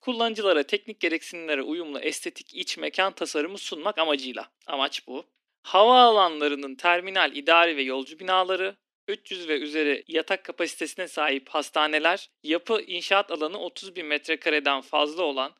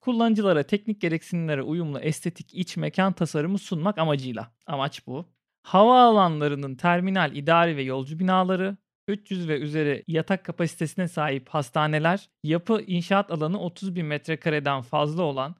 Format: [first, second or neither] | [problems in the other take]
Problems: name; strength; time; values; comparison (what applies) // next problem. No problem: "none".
second | thin; somewhat; fading below 250 Hz